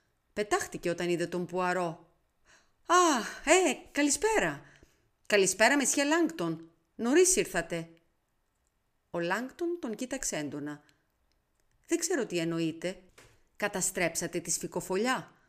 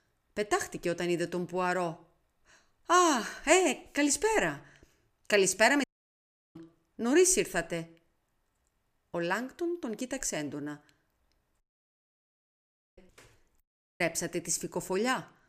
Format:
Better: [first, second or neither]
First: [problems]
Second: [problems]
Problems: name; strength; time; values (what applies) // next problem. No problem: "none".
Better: first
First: none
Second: audio cutting out; at 6 s for 0.5 s, at 12 s for 1.5 s and at 14 s